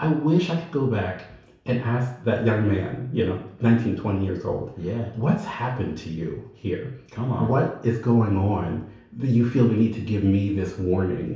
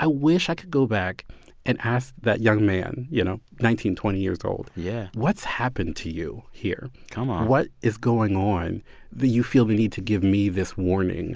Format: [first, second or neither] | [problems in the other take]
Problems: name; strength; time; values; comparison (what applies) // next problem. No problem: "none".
second | room echo; dies away in 0.6 s